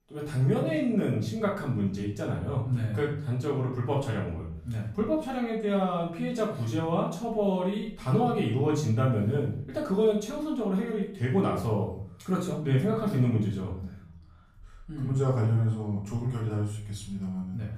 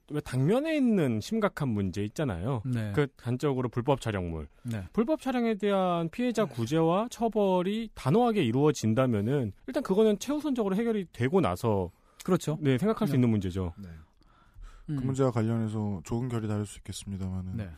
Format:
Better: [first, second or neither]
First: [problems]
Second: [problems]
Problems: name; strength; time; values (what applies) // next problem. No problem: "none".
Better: second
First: off-mic speech; far // room echo; noticeable; dies away in 0.6 s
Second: none